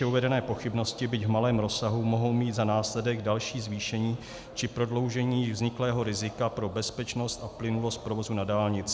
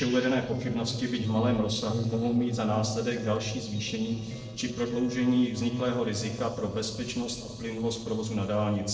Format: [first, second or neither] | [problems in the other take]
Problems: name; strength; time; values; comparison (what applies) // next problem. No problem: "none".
first | noise reduction (neural separator model SepFormer DNS4)